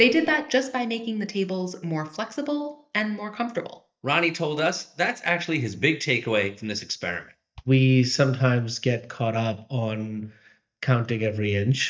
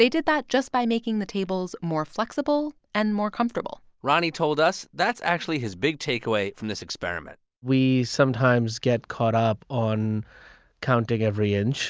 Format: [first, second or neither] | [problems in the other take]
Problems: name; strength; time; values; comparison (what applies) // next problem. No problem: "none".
second | noise reduction (neural mask model DeepFilterNet 3)